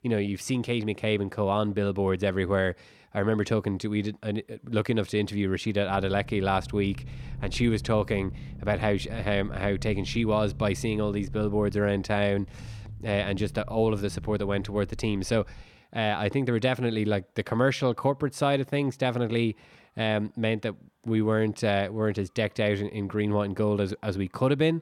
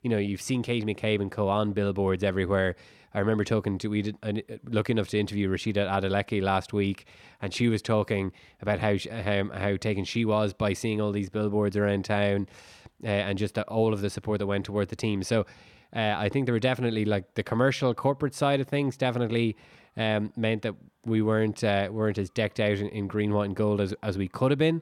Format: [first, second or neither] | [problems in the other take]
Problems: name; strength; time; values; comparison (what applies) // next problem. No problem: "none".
second | low rumble; faint; from 6 to 16 s; 25 dB below the speech